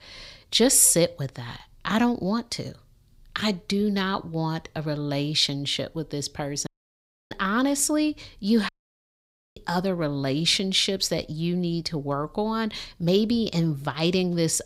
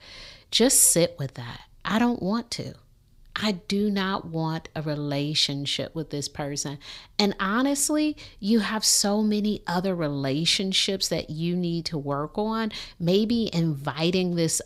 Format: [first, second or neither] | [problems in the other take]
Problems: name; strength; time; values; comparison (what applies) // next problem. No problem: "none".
second | audio cutting out; at 6.5 s for 0.5 s and at 8.5 s for 1 s